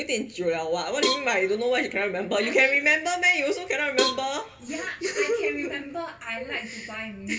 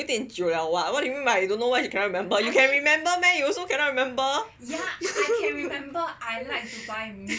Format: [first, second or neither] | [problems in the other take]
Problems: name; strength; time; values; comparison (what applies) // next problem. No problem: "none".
second | background sound (Cowbell); 7 dB below the speech // room echo; dies away in 1.3 s